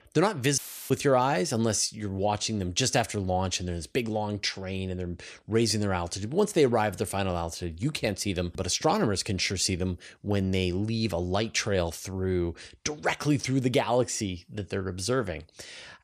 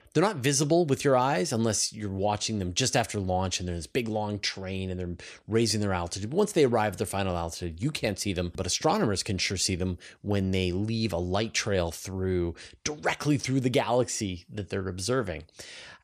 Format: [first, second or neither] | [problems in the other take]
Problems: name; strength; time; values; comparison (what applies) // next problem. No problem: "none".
second | audio cutting out; filled with static; at 0.5 s